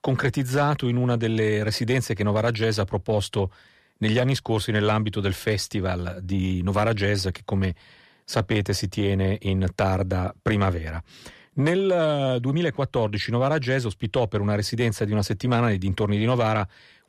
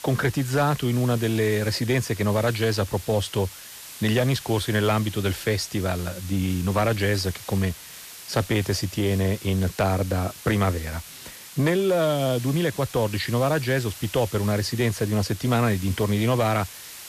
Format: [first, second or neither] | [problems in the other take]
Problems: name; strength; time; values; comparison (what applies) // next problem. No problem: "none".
first | hiss; noticeable; throughout; 15 dB below the speech